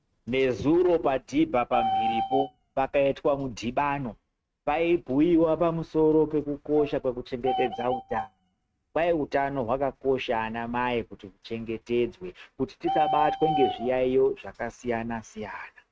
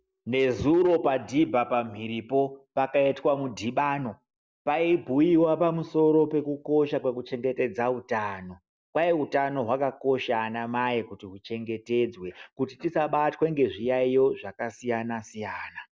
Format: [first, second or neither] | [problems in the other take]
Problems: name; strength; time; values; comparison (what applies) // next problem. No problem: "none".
second | noise reduction (neural mask model RNNoise)